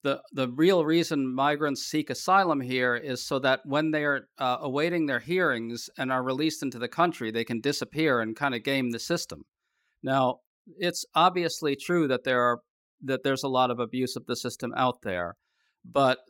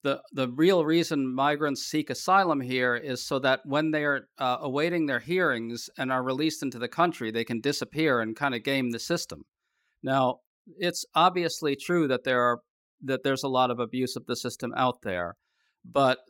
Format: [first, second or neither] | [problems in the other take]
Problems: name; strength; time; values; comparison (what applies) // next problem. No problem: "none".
neither | none